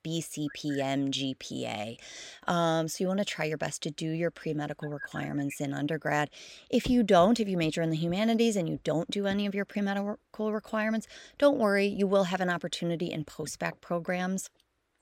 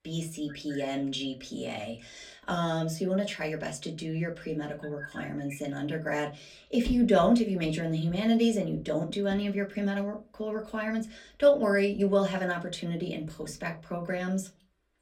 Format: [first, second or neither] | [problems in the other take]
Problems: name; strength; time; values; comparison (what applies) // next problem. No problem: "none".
first | off-mic speech; far // room echo; very slight; dies away in 0.2 s